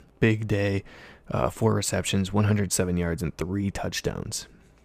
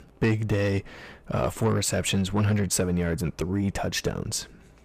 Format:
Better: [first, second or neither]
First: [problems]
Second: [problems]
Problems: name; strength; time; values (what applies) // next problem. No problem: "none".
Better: first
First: none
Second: distortion; slight; 10 dB below the speech